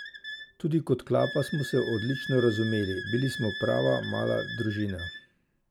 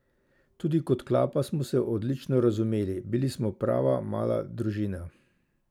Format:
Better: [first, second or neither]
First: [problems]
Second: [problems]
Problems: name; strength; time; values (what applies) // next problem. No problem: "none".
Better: second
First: background sound (Wind instrument, woodwind instrument); 11 dB below the speech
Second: none